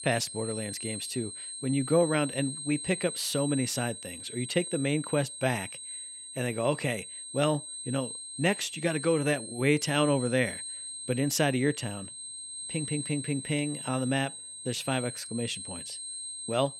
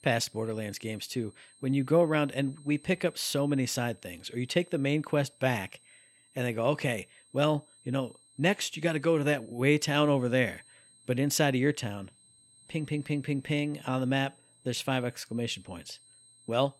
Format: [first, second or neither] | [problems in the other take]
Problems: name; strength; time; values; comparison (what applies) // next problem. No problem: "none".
second | high-pitched whine; loud; throughout; 8.5 kHz, 7 dB below the speech; faint in the second